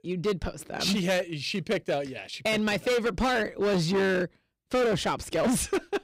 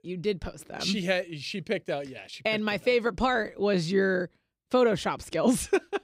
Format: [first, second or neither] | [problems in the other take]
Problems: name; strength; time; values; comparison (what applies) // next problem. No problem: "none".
second | distortion; heavy; 16% of the sound clipped